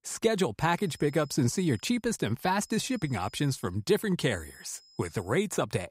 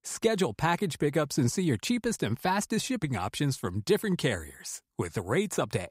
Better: second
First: high-pitched whine; faint; from 1 to 2 s, from 2.5 to 3.5 s and at 4.5 s; 5 kHz, 25 dB below the speech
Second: none

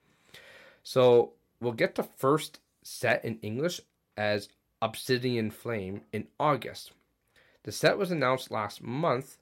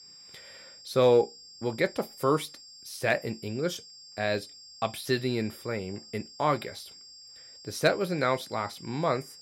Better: first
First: none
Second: high-pitched whine; noticeable; throughout; 5 kHz, 20 dB below the speech

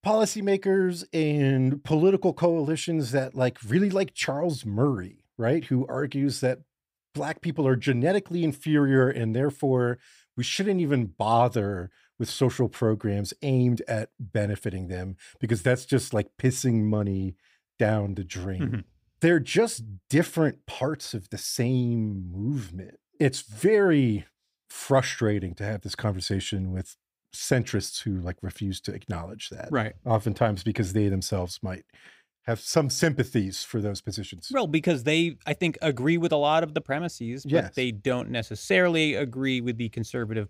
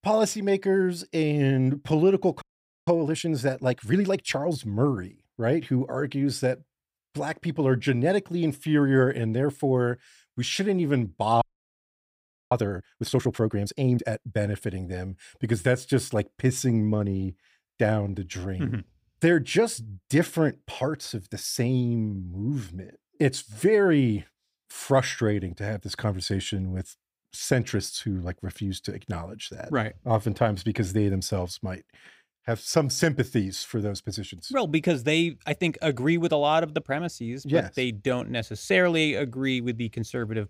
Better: first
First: none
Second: audio freezing; at 2.5 s and at 11 s for 1 s

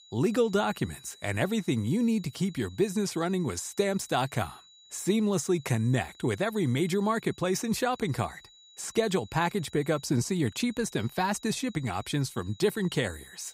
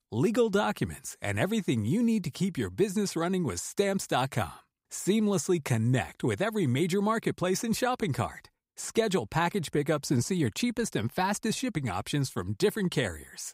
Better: second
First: high-pitched whine; faint; throughout; 4 kHz, 25 dB below the speech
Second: none

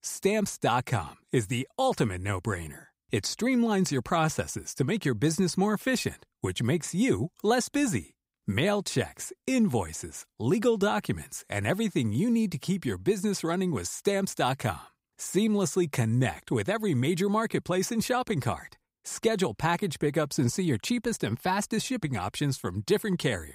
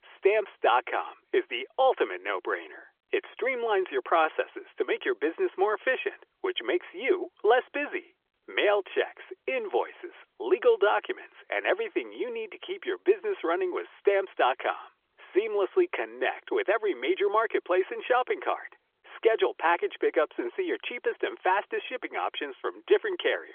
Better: first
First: none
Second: phone-call audio; nothing above 3.5 kHz

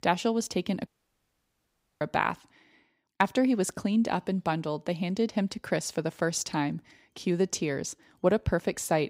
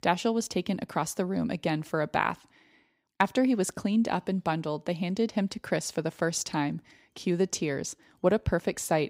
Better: second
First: audio cutting out; at 1 s for 1 s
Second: none

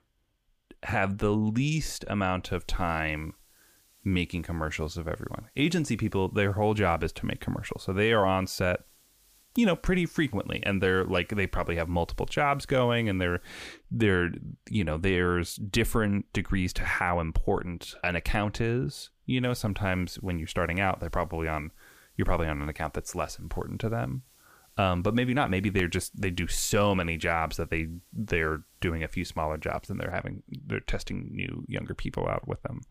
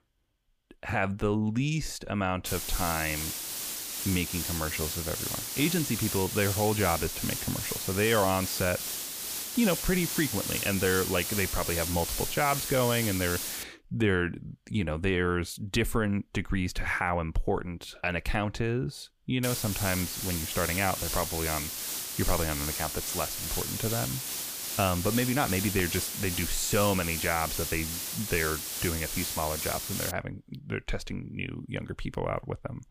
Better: first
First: hiss; faint; from 2.5 to 14 s and from 19 to 30 s; 30 dB below the speech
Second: hiss; loud; from 2.5 to 14 s and from 19 to 30 s; 2 dB below the speech

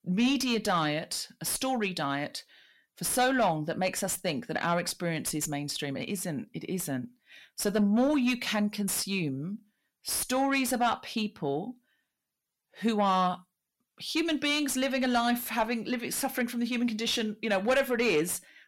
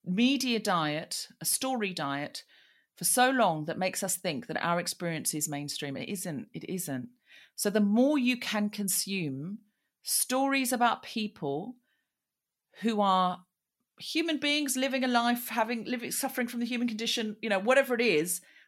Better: second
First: distortion; slight; 10 dB below the speech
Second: none

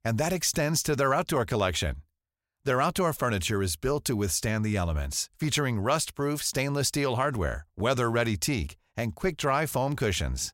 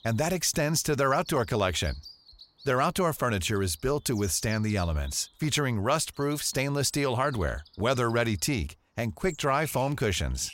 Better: first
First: none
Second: animal sounds; faint; throughout; 20 dB below the speech

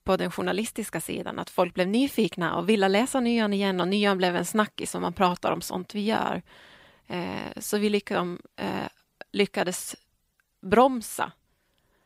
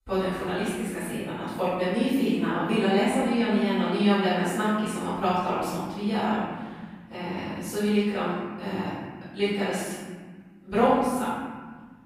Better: first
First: none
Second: off-mic speech; far // room echo; strong; dies away in 1.8 s

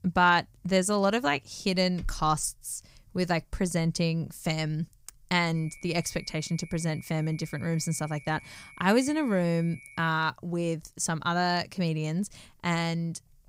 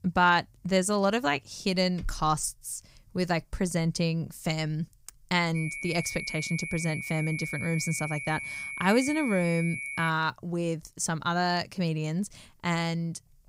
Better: first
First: high-pitched whine; faint; from 5.5 to 10 s; 2 kHz, 20 dB below the speech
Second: high-pitched whine; loud; from 5.5 to 10 s; 2 kHz, 6 dB below the speech

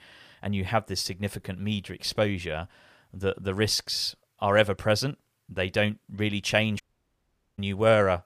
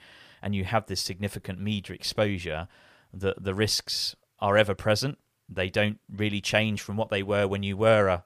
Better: second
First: audio cutting out; at 7 s for 1 s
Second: none

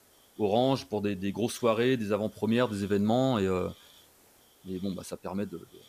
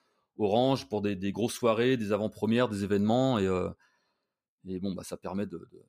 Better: second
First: hiss; faint; throughout; 25 dB below the speech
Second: none

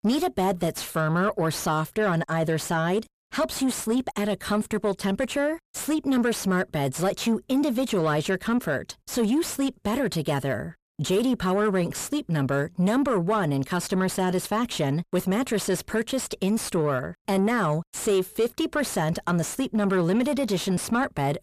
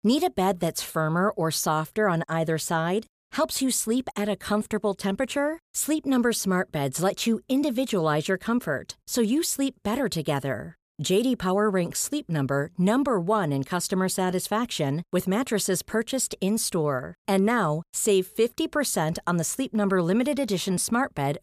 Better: second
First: distortion; slight; 10 dB below the speech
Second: none

